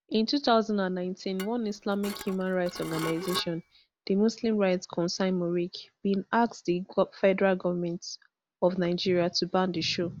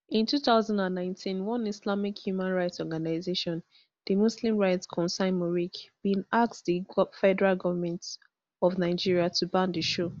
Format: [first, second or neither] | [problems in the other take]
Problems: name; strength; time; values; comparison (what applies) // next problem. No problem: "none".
second | background sound (Dishes, pots, and pans / Glass); 13 dB below the speech